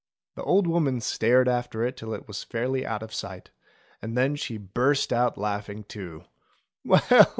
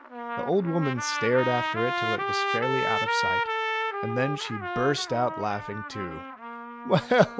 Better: first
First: none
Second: background sound (Trumpet); 2 dB below the speech

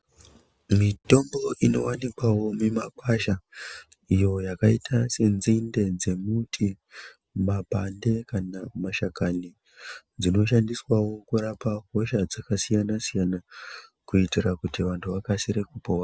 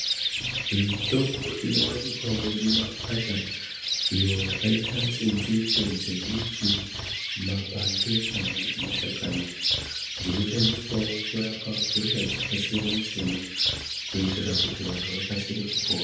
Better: first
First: none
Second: background sound (Bird); as loud as the speech // room echo; dies away in 0.8 s

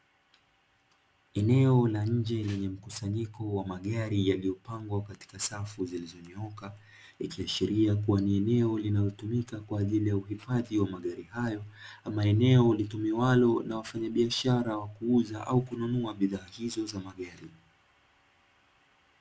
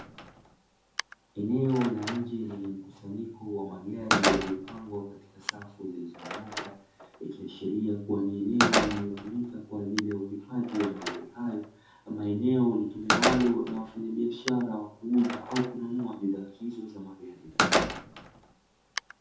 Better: first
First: none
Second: background sound (Slam); 2 dB below the speech // room echo; dies away in 0.5 s

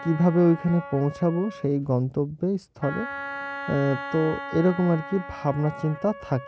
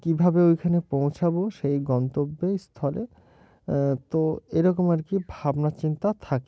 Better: second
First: background sound (Wind instrument, woodwind instrument); 12 dB below the speech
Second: none

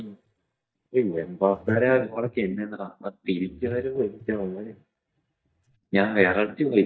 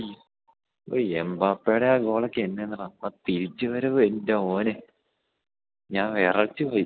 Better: second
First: noise reduction (neural mask model DeepFilterNet 3)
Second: none

